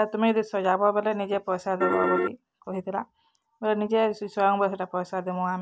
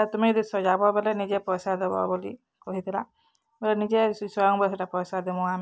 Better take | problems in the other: second | background sound (Piano); 2 dB above the speech

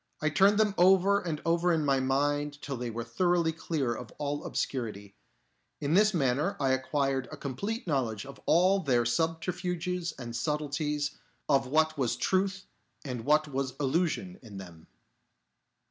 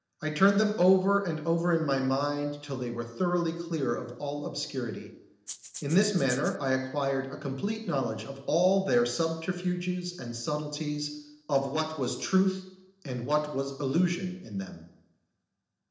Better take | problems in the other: first | noise reduction (neural separator model SepFormer DNS4)

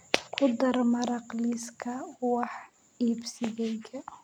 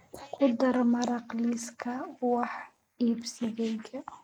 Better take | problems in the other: first | noise reduction (neural mask model Resemble Enhance denoiser)

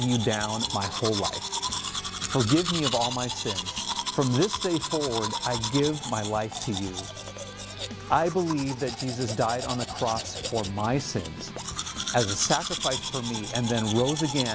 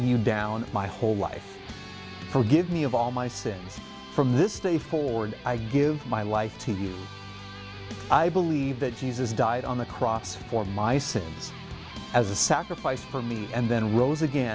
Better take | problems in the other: second | background sound (Domestic sounds, home sounds); 5 dB below the speech

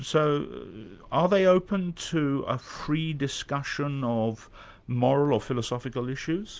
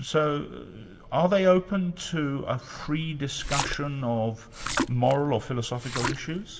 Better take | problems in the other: first | background sound (Splash, splatter); 7 dB below the speech // room echo; dies away in 0.8 s

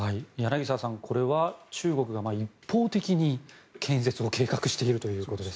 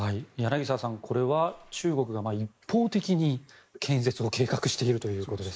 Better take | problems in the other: first | noise reduction (neural mask model Resemble Enhance denoiser)

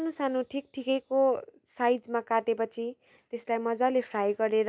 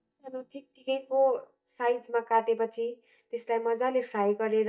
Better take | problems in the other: first | noise reduction (neural mask model DeepFilterNet 3)

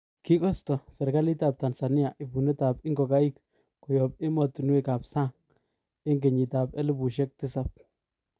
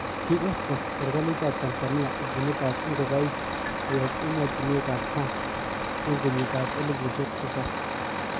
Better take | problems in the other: first | background sound (Truck); 1 dB below the speech

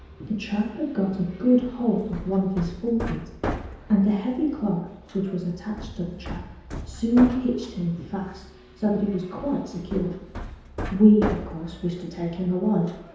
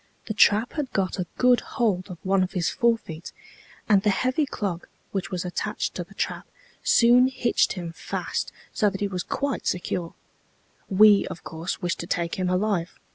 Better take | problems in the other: second | background sound (Hammer); 12 dB below the speech // room echo; dies away in 1 s

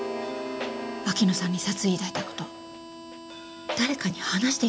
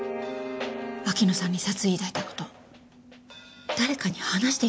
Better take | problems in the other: second | background sound (Harmonica); 14 dB below the speech

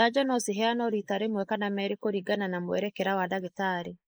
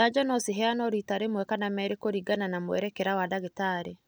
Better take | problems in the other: second | noise reduction (neural mask model Resemble Enhance denoiser)

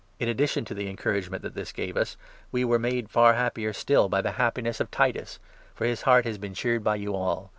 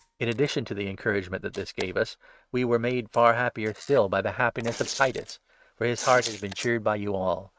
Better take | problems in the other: first | noise reduction (neural mask model RNNoise)

